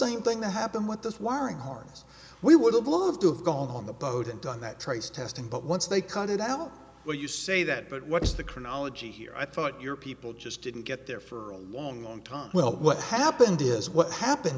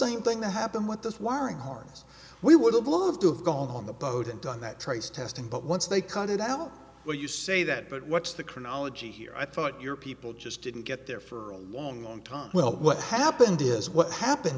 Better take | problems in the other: second | background sound (Knock); 10 dB below the speech

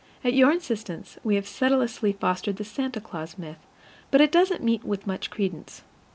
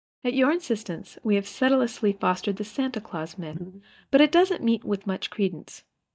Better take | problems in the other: first | noise reduction (neural mask model DeepFilterNet 3)

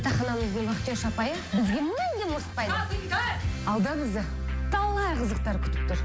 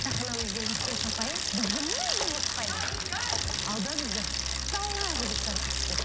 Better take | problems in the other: first | background sound (Bicycle); 4 dB above the speech

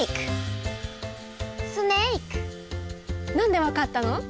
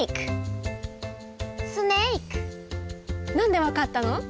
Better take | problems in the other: second | background sound (Crash cymbal); 18 dB below the speech

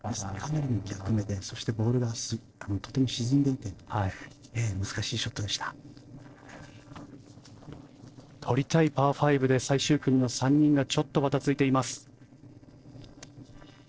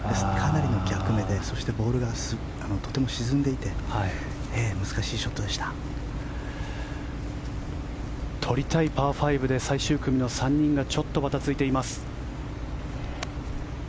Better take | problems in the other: second | noise reduction (neural separator model SepFormer DNS4)

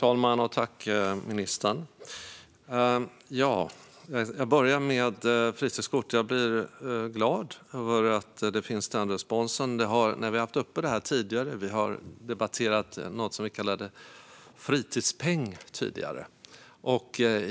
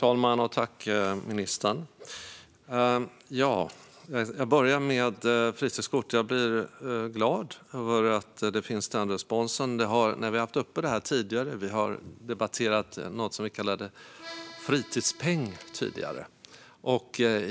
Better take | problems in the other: first | background sound (Accordion); 18 dB below the speech

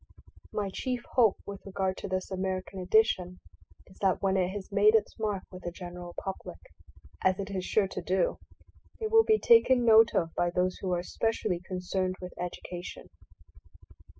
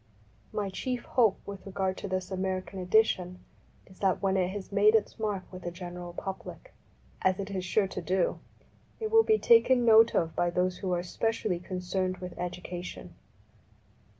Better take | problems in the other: second | noise reduction (classical method spectral subtraction)

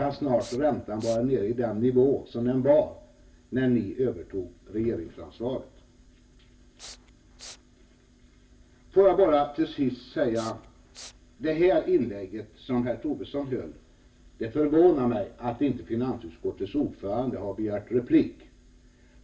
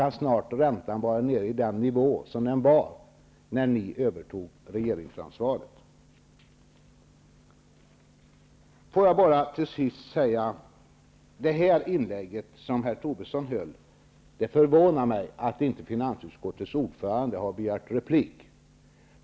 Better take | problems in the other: second | background sound (Respiratory sounds); 20 dB below the speech // room echo; dies away in 0.2 s

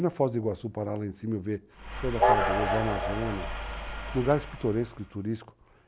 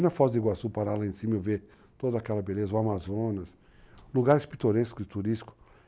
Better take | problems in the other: second | background sound (Train); 1 dB above the speech

